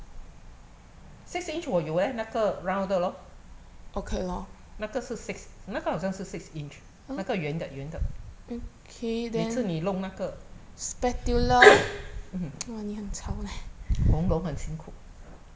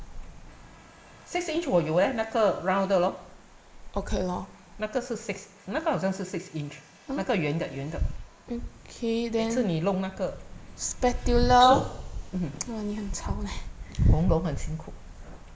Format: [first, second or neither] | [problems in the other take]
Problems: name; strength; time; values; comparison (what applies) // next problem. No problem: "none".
first | noise reduction (neural mask model Resemble Enhance denoiser)